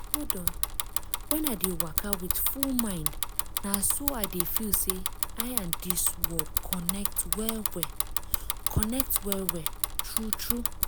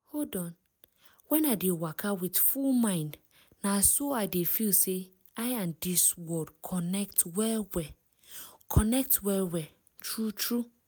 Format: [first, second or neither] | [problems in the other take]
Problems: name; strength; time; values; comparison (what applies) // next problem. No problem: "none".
second | background sound (Bicycle); 3 dB above the speech